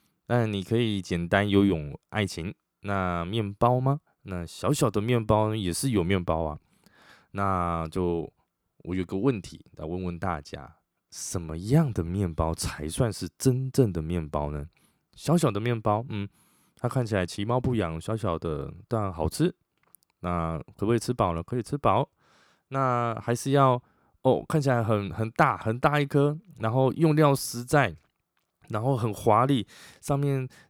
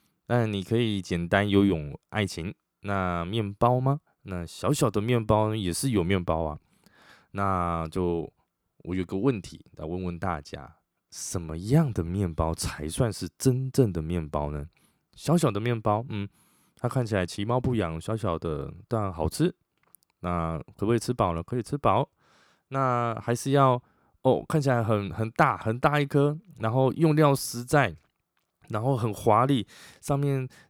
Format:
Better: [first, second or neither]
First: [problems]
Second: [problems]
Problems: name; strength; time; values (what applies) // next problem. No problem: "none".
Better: neither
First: none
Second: none